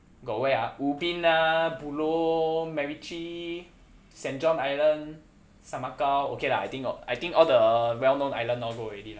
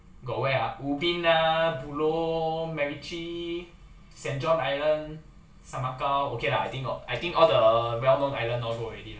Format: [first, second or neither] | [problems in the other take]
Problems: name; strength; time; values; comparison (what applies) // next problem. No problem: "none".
first | room echo; dies away in 0.2 s